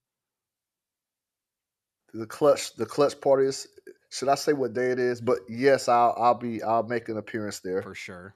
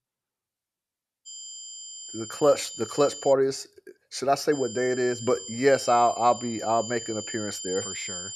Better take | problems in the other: first | high-pitched whine; noticeable; from 1.5 to 3.5 s and from 4.5 s on; 7 kHz, 10 dB below the speech

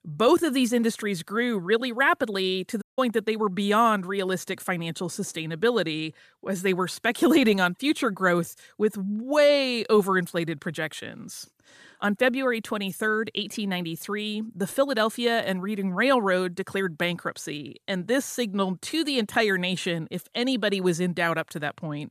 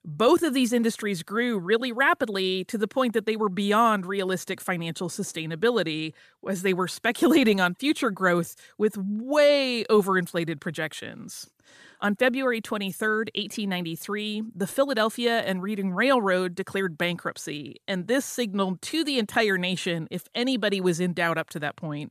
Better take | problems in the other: second | audio cutting out; at 3 s

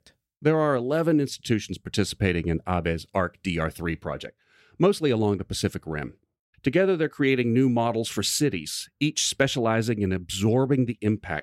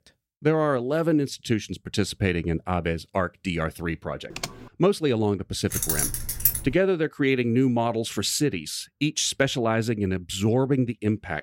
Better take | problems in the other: first | keyboard typing; noticeable; at 4.5 s; peak 9 dB below the speech // jangling keys; loud; from 5.5 to 6.5 s; peak 3 dB above the speech

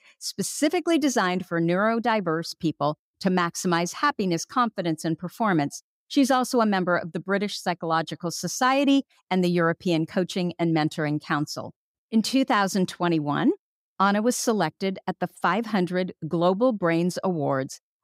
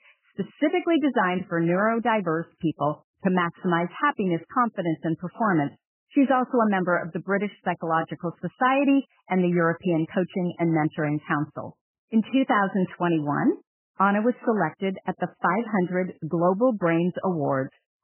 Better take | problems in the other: first | garbled, watery; badly; nothing above 3 kHz

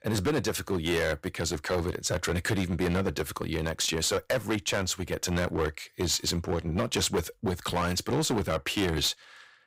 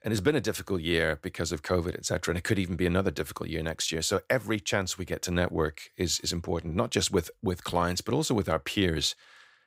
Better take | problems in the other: second | distortion; heavy; 10% of the sound clipped

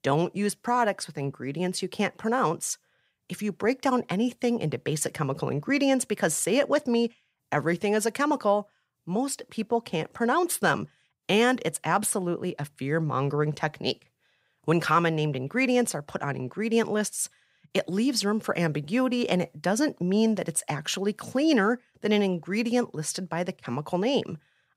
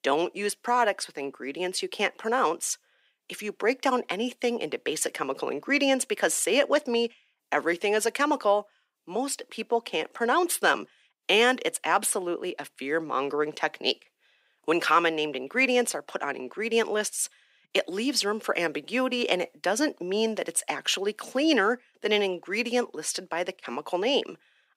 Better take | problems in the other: first | thin; somewhat; fading below 300 Hz

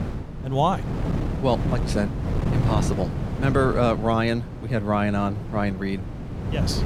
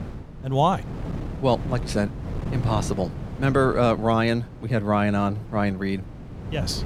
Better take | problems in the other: second | wind noise on the microphone; heavy; 9 dB below the speech; occasional gusts in the second

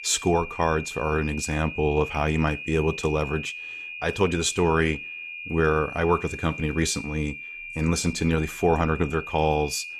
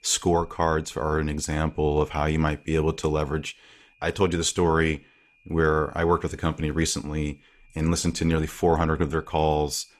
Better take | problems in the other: second | high-pitched whine; loud; throughout; 2.5 kHz, 10 dB below the speech; faint in the second

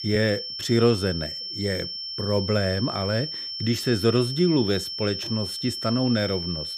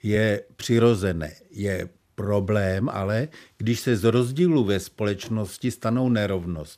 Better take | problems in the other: second | high-pitched whine; loud; throughout; 5.5 kHz, 5 dB below the speech

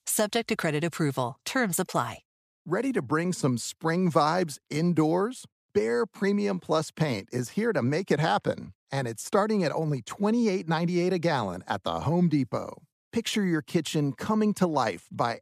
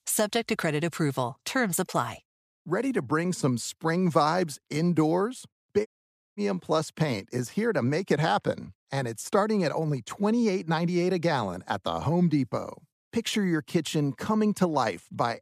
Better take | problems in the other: first | audio cutting out; at 6 s for 0.5 s

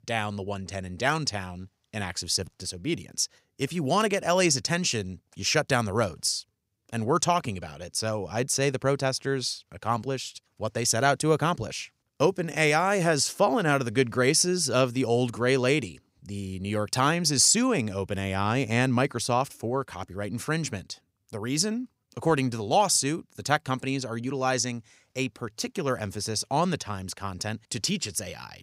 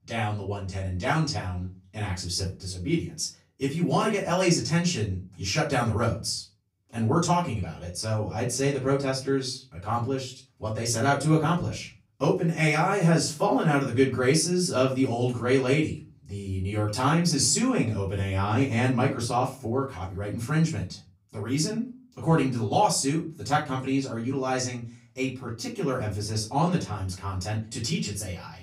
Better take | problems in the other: first | off-mic speech; far // room echo; slight; dies away in 0.3 s

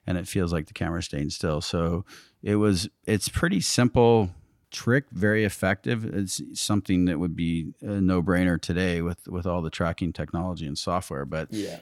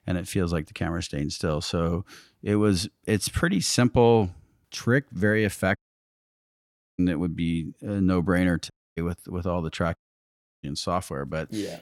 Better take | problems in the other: first | audio cutting out; at 6 s for 1 s, at 8.5 s and at 10 s for 0.5 s

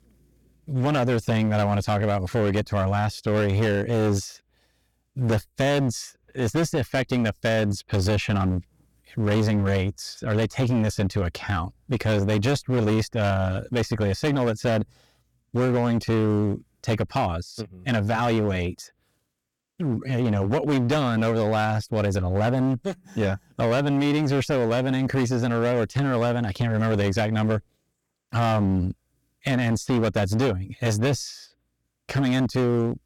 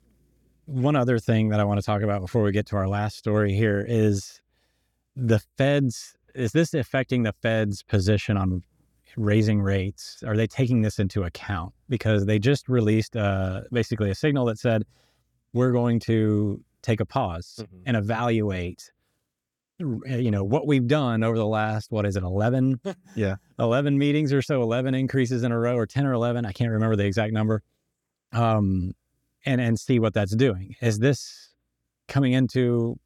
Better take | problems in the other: second | distortion; heavy; 18% of the sound clipped

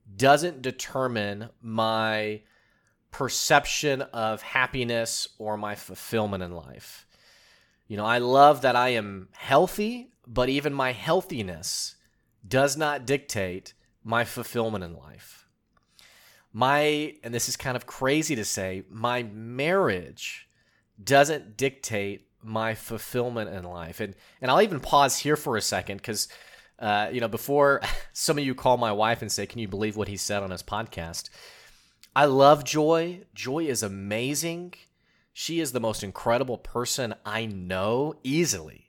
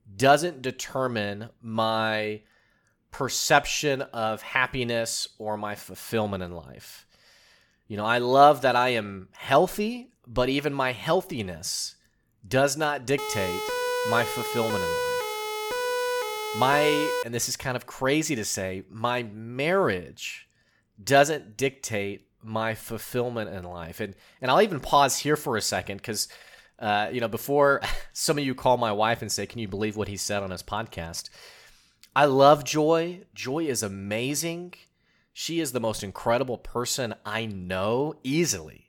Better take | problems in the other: first | siren; noticeable; from 13 to 17 s; peak 1 dB below the speech

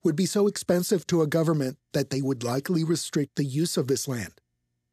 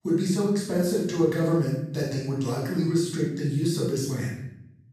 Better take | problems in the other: first | off-mic speech; far // room echo; noticeable; dies away in 0.8 s

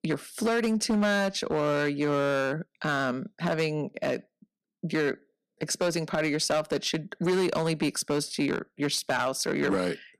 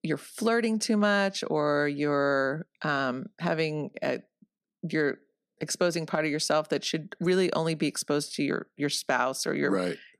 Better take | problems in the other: second | distortion; slight; 8% of the sound clipped

